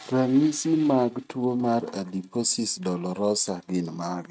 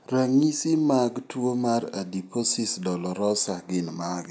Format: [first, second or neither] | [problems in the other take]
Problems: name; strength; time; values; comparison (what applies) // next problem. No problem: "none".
second | noise reduction (neural mask model RNNoise)